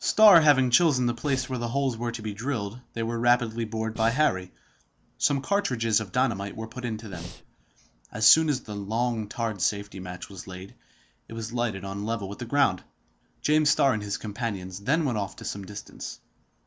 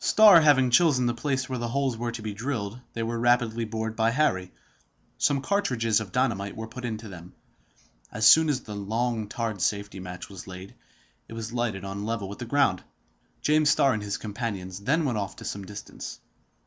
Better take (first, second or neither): second